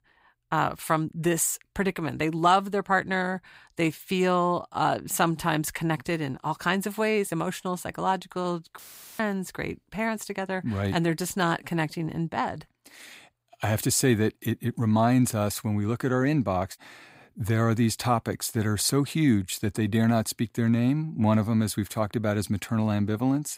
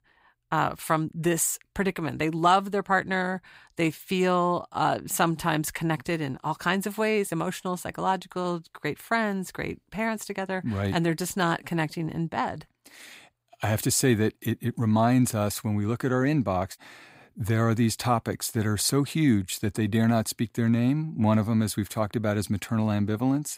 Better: second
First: audio cutting out; filled with static; at 9 s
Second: none

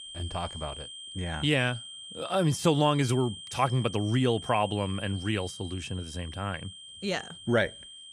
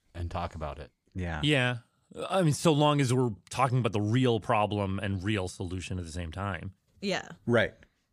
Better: second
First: high-pitched whine; noticeable; throughout; 3 kHz, 10 dB below the speech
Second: none

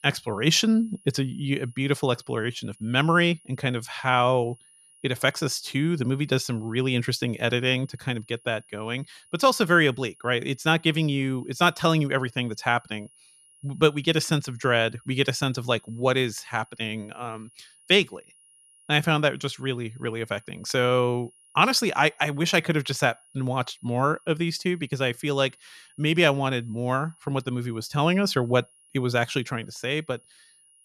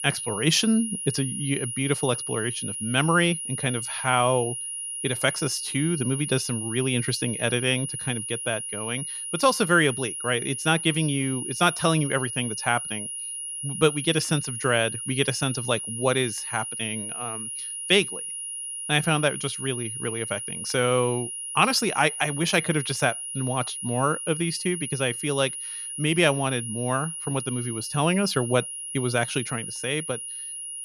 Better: first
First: high-pitched whine; faint; throughout; 10.5 kHz, 30 dB below the speech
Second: high-pitched whine; loud; throughout; 10.5 kHz, 5 dB below the speech

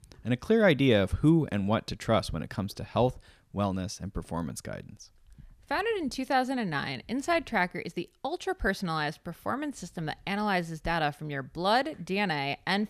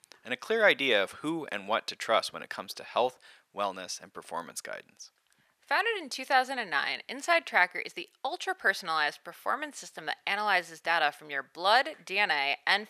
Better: first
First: none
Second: thin; very; fading below 600 Hz

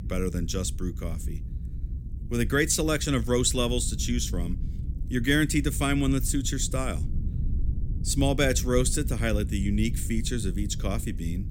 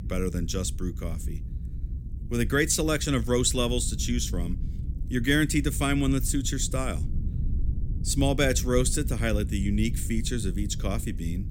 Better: neither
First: low rumble; noticeable; throughout; 20 dB below the speech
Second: low rumble; noticeable; throughout; 20 dB below the speech

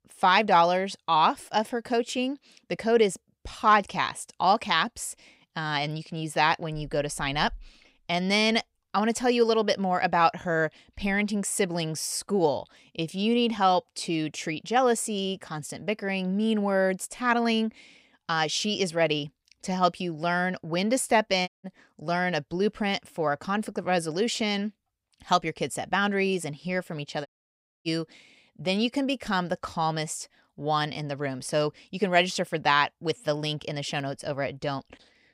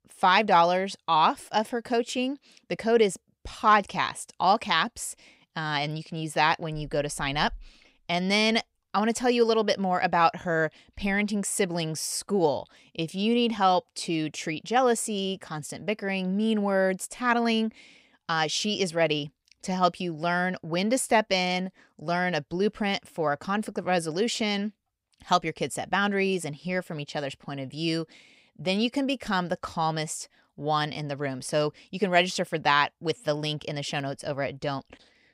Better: second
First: audio cutting out; at 21 s and at 27 s for 0.5 s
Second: none

